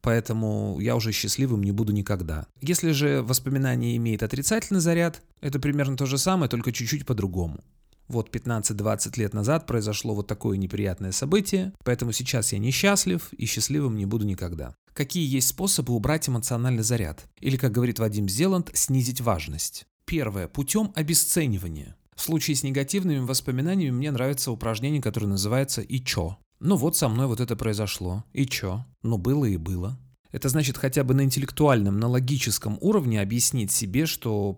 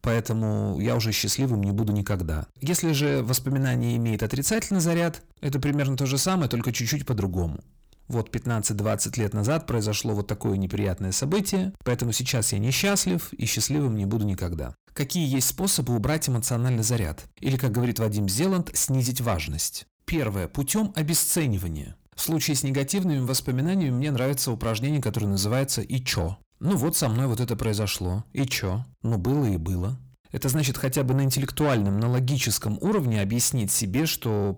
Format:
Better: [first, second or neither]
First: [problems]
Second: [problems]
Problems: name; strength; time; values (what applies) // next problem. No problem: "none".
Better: first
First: none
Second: distortion; slight; 10 dB below the speech